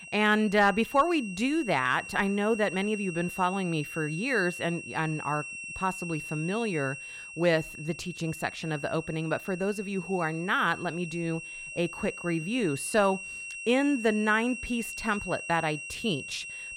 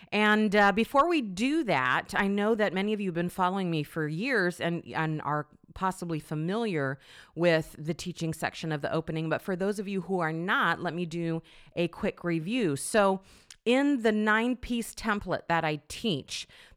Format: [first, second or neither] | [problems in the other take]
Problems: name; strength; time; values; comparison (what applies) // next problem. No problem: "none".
second | high-pitched whine; loud; throughout; 2.5 kHz, 10 dB below the speech